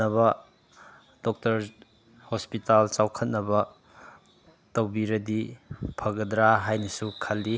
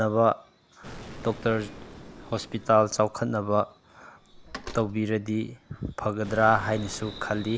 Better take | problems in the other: first | background sound (Slam + Explosion); 17 dB below the speech

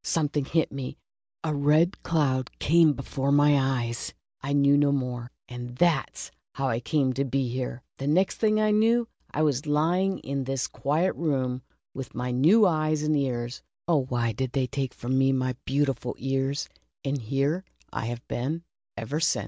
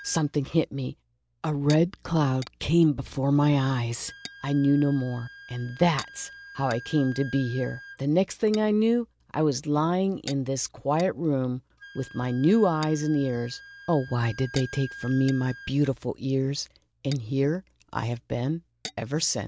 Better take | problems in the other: first | background sound (Wind instrument, woodwind instrument + Tap / Glass); 20 dB below the speech

